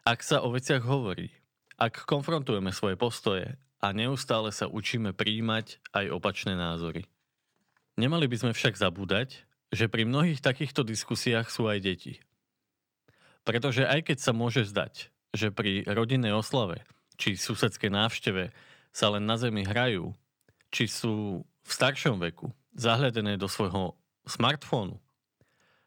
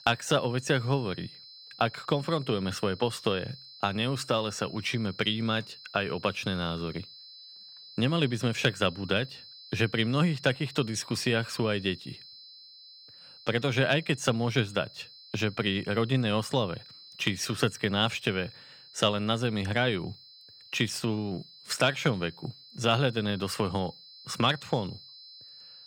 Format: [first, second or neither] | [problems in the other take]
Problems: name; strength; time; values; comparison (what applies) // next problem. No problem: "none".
first | high-pitched whine; noticeable; throughout; 4 kHz, 20 dB below the speech